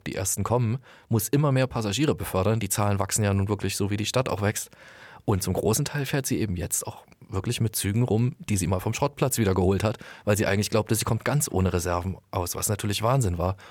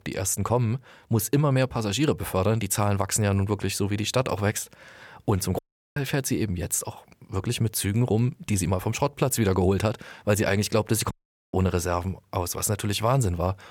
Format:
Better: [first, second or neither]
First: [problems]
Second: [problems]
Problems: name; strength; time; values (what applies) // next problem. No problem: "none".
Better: first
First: none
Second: audio cutting out; at 5.5 s and at 11 s